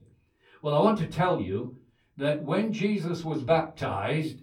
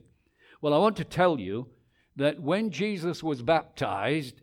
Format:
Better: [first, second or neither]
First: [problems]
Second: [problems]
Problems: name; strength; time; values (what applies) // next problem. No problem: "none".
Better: second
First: off-mic speech; far // room echo; very slight; dies away in 0.2 s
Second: none